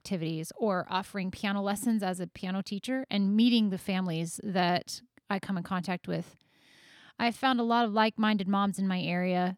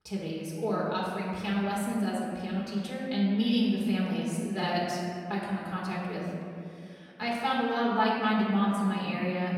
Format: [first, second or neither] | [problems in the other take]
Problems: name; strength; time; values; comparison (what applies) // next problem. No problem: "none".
first | off-mic speech; far // room echo; noticeable; dies away in 2.3 s